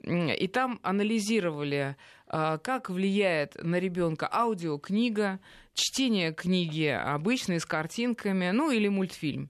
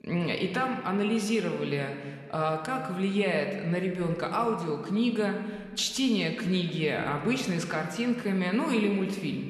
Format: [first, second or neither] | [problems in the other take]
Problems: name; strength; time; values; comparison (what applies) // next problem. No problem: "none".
first | room echo; slight; dies away in 1.5 s